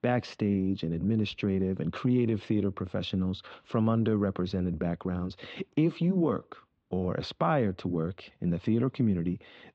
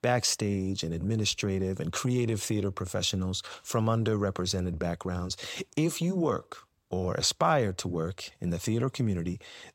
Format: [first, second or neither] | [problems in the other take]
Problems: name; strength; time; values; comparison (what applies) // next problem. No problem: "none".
second | muffled; slightly; fading above 3.5 kHz